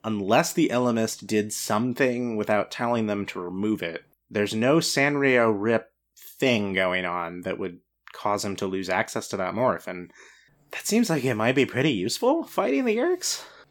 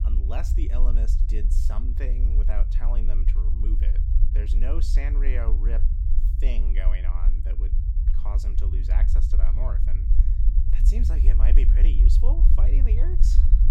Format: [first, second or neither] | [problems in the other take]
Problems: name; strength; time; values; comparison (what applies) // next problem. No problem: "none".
first | low rumble; loud; throughout; 4 dB below the speech